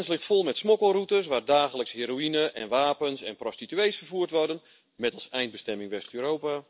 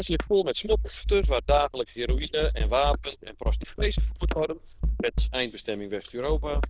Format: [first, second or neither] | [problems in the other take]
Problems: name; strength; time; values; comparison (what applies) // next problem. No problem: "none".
first | noise reduction (neural diffusion model UNIVERSE++)